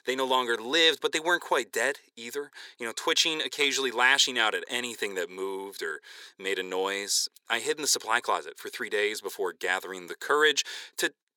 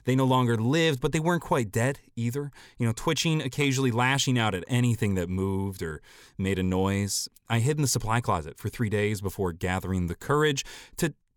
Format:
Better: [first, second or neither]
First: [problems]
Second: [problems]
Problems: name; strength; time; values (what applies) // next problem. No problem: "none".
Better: second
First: thin; very; fading below 400 Hz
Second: none